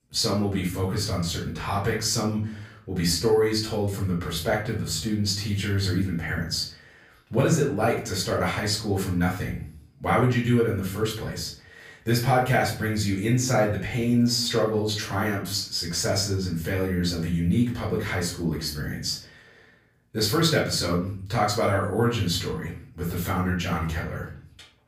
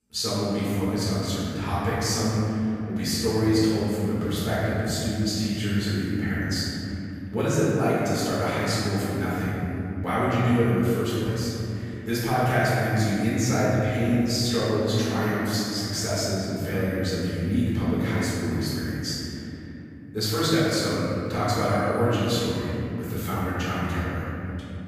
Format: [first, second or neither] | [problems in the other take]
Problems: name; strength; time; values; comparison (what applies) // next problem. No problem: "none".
first | room echo; strong; dies away in 3 s; slight in the first // off-mic speech; far; far in the first